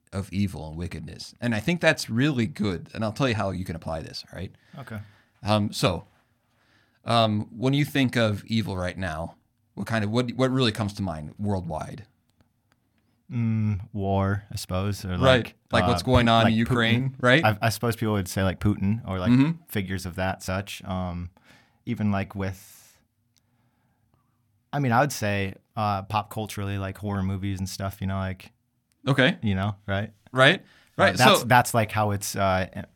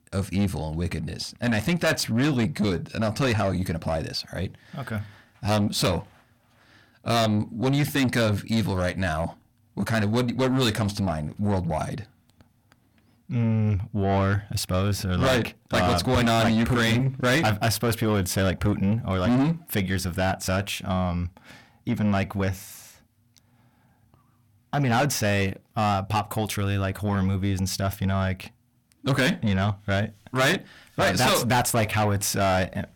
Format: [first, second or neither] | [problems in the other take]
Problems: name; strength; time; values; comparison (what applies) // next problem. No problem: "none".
first | distortion; heavy; 6 dB below the speech